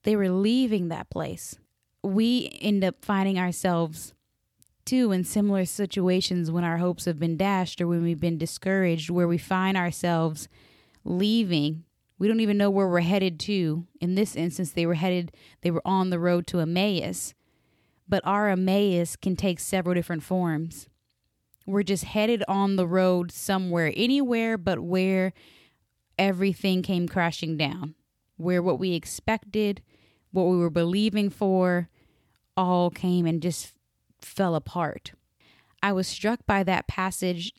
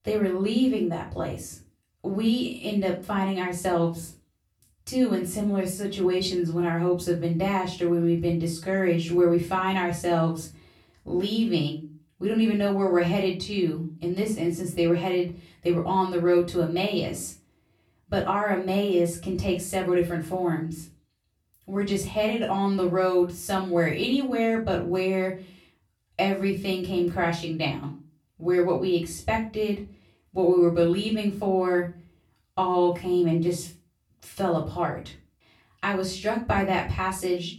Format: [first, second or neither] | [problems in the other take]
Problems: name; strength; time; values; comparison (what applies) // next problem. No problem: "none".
first | off-mic speech; far // room echo; slight; dies away in 0.3 s